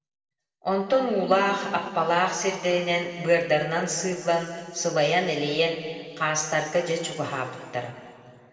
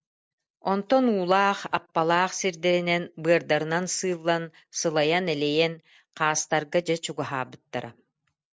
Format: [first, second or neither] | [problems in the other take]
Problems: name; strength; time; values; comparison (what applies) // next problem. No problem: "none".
second | room echo; dies away in 2.2 s